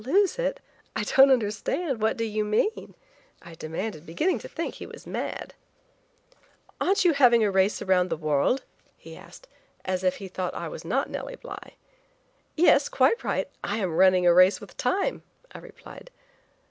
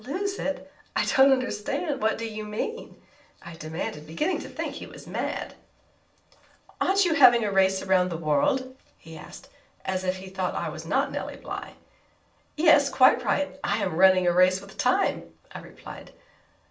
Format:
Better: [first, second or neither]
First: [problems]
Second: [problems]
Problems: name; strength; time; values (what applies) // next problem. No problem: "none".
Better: first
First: none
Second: room echo; dies away in 0.3 s